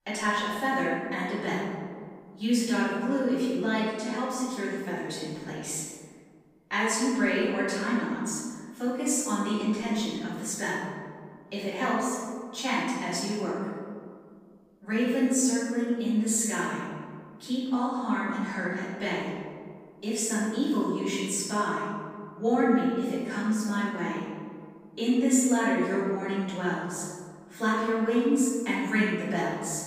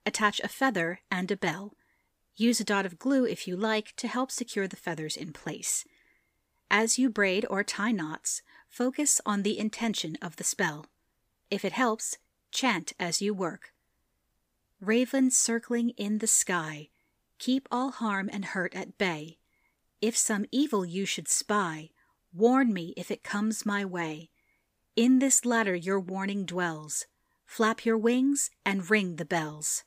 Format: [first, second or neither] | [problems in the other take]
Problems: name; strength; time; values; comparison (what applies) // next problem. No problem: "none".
second | off-mic speech; far // room echo; strong; dies away in 1.8 s